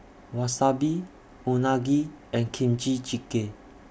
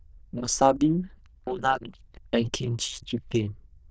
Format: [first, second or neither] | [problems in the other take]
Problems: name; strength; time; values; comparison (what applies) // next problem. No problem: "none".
first | noise reduction (neural diffusion model UNIVERSE++)